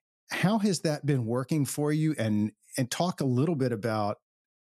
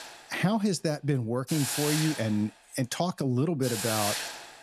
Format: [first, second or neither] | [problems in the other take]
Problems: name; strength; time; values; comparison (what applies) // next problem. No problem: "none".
first | hiss; loud; throughout; 3 dB below the speech